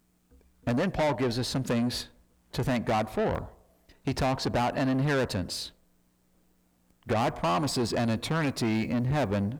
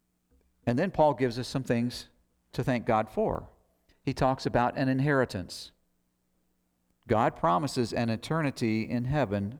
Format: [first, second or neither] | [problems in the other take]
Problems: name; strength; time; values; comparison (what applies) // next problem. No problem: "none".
second | distortion; heavy; 7 dB below the speech